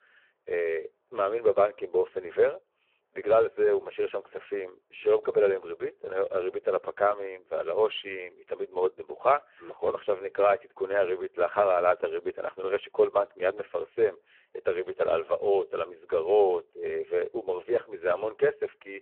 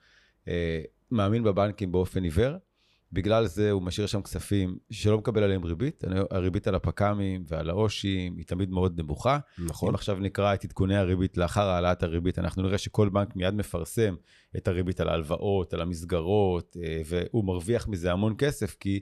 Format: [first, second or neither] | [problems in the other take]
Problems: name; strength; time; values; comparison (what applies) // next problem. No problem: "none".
second | phone-call audio; poor line